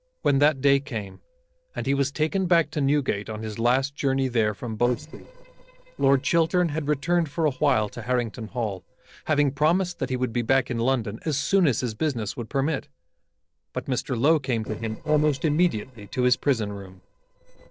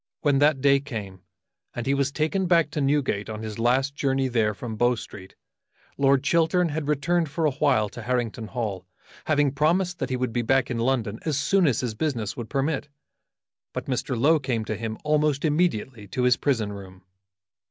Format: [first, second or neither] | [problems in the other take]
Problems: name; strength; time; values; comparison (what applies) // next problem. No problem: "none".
second | noise reduction (neural separator model SepFormer DNS4)